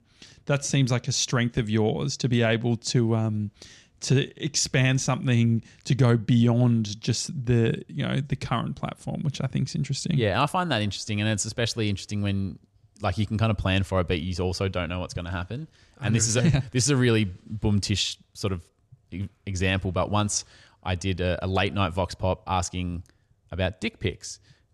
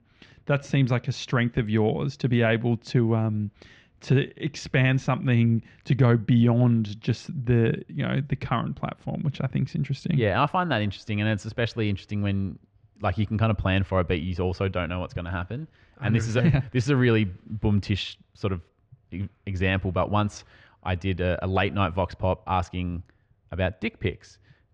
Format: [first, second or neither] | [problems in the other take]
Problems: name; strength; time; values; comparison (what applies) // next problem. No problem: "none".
first | muffled; very; fading above 2.5 kHz